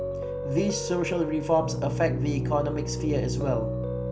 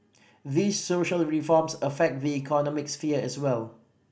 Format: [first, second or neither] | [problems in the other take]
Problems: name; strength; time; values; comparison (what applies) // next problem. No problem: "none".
second | background sound (Piano); 1 dB below the speech